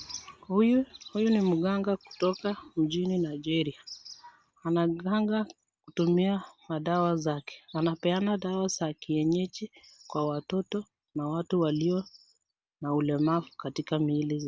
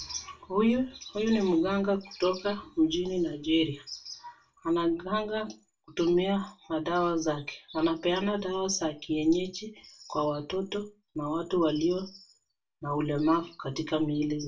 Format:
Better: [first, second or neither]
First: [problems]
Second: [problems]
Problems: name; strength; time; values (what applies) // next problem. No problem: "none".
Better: first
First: none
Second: room echo; dies away in 0.2 s